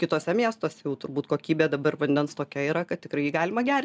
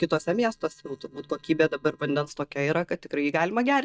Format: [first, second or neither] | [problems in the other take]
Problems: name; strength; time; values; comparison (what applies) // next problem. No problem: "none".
first | noise reduction (neural mask model DeepFilterNet 3)